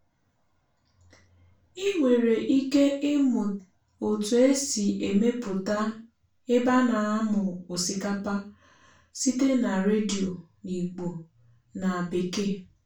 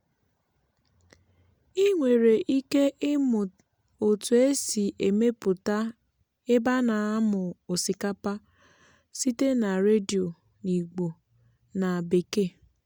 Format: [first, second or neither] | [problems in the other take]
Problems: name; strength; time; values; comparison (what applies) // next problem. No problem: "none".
second | room echo; dies away in 0.3 s